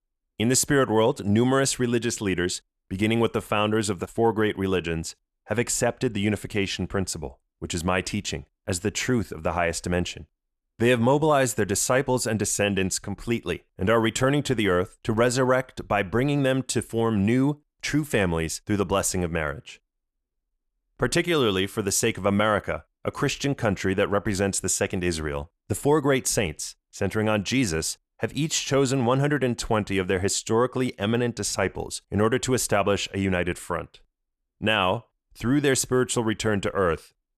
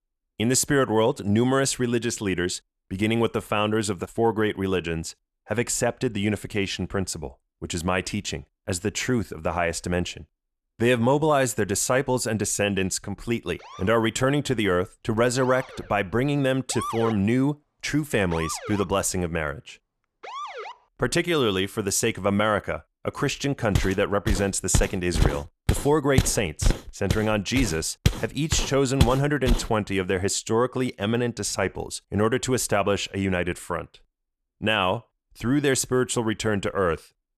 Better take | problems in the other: first | siren; noticeable; from 14 to 21 s; peak 7 dB below the speech // footsteps; noticeable; from 24 to 30 s; peak 1 dB below the speech

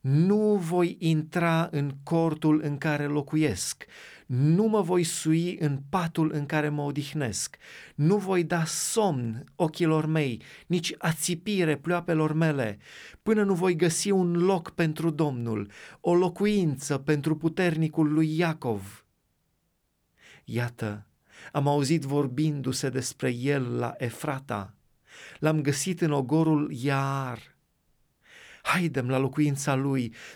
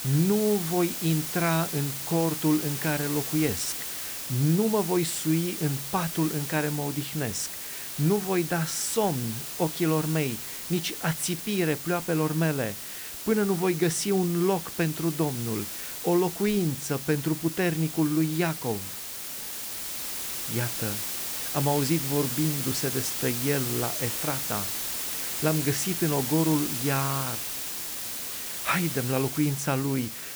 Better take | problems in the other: first | hiss; loud; throughout; 4 dB below the speech

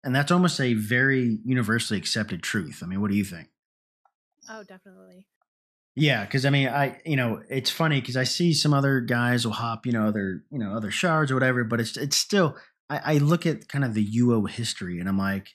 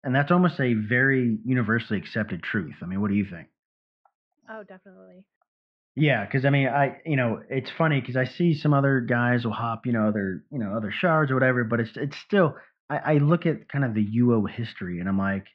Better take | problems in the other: first | muffled; very; fading above 2.5 kHz

